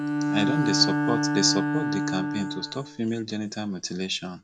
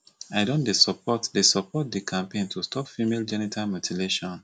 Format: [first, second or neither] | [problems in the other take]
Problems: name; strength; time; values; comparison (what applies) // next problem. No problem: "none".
second | background sound (Bowed string instrument); 1 dB above the speech